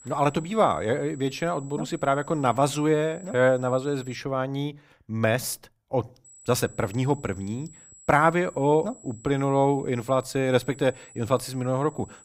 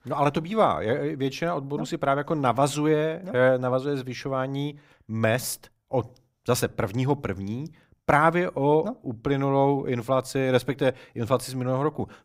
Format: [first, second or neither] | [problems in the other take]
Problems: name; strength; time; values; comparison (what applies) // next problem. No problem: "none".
second | high-pitched whine; faint; until 4 s and from 6.5 s on; 8 kHz, 20 dB below the speech